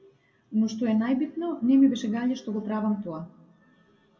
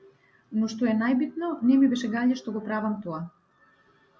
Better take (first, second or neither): second